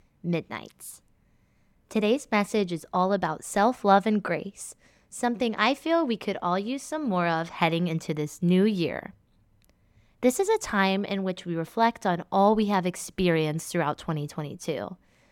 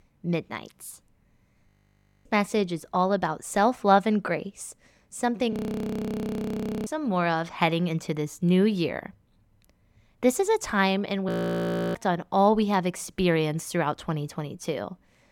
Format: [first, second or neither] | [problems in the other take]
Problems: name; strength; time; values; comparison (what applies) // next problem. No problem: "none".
first | audio freezing; at 1.5 s for 0.5 s, at 5.5 s for 1.5 s and at 11 s for 0.5 s